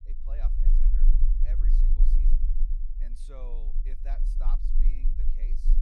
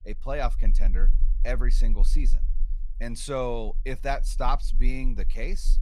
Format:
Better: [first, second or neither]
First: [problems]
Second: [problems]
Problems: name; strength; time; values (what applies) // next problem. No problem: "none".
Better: second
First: low rumble; loud; throughout; 2 dB below the speech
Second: low rumble; faint; throughout; 25 dB below the speech